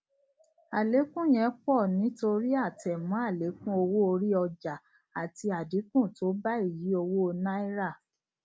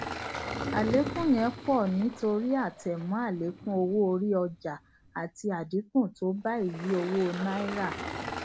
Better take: first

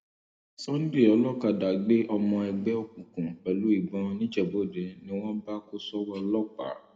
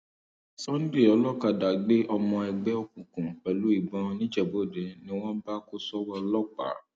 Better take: second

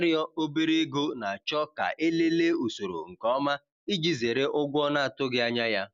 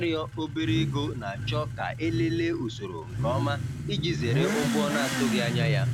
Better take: first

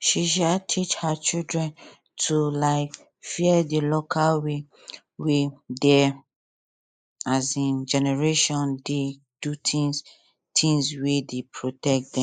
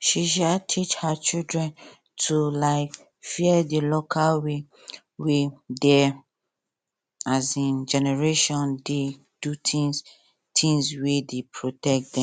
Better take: second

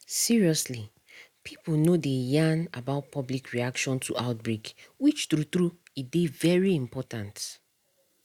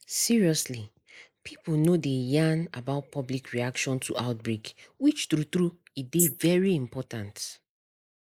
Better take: first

